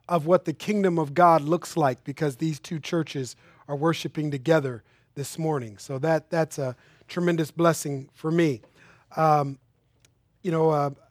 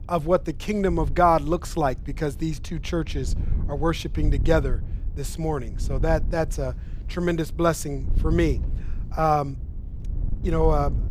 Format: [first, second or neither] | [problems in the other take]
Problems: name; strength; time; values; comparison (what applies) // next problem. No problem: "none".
first | wind noise on the microphone; occasional gusts; 20 dB below the speech